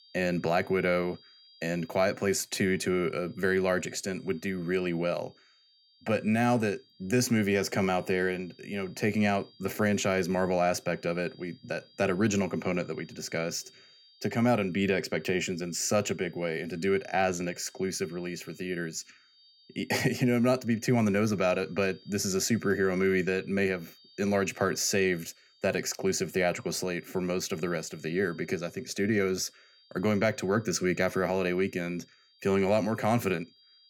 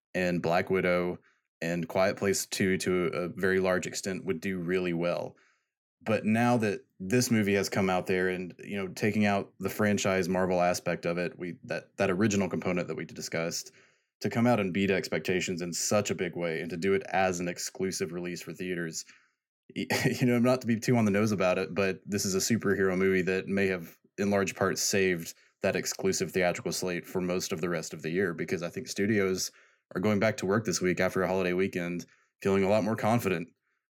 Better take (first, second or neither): second